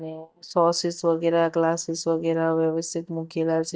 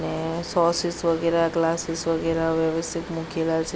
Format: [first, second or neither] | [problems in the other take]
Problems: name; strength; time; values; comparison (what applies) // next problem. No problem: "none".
second | noise reduction (neural mask model DeepFilterNet 3)